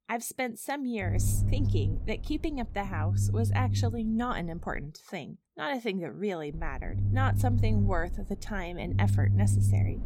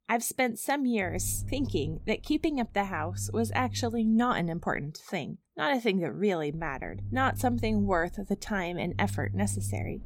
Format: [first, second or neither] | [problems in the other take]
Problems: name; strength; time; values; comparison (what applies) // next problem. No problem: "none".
second | low rumble; loud; from 1 to 5 s and from 6.5 s on; 8 dB below the speech; faint in the second